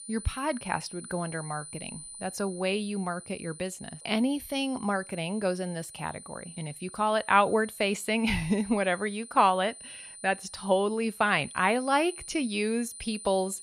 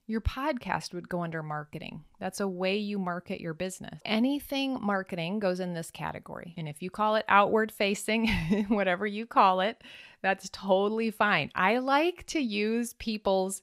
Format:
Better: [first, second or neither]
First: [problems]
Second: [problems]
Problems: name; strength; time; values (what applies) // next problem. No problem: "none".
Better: second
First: high-pitched whine; noticeable; throughout; 9.5 kHz, 15 dB below the speech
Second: none